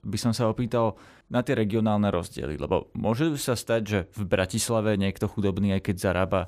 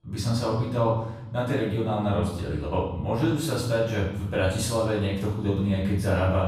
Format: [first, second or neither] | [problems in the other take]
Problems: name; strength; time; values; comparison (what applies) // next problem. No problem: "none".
first | room echo; noticeable; dies away in 1 s // off-mic speech; far